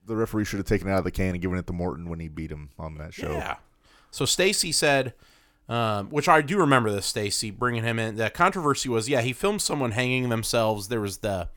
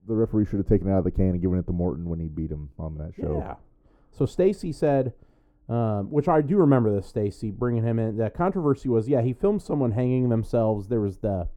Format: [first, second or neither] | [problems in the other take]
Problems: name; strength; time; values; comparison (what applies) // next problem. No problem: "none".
first | muffled; very; fading above 1 kHz